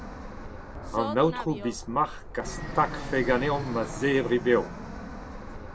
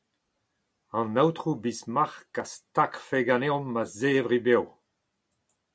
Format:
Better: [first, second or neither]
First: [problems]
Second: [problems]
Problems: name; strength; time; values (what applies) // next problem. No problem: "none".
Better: second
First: background sound (Fixed-wing aircraft, airplane); 8 dB below the speech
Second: none